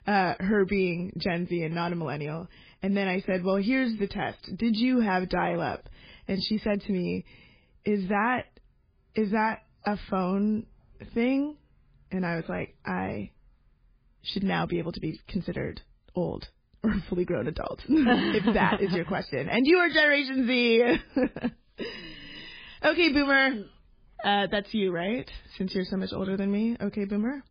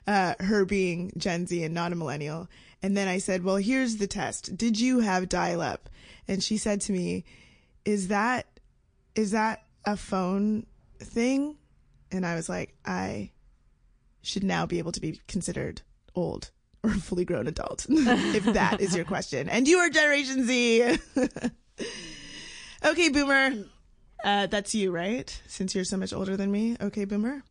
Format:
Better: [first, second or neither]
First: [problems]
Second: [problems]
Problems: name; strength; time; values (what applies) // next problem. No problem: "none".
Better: second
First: garbled, watery; badly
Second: garbled, watery; slightly; nothing above 9 kHz